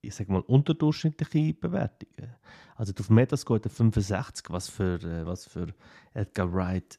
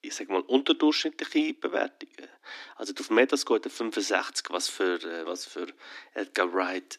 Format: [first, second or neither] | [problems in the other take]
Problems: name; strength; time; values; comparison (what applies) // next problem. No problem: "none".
first | thin; somewhat; fading below 250 Hz